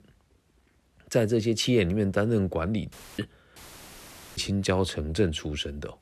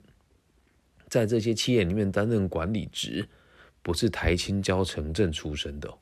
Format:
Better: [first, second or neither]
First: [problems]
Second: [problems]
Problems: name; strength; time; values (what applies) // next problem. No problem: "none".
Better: second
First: audio cutting out; filled with static; at 3 s and at 3.5 s for 1 s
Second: none